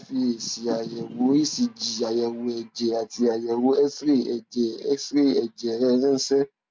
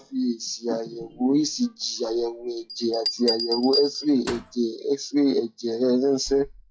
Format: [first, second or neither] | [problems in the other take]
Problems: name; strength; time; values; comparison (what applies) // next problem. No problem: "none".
first | noise reduction (classical method log-MMSE)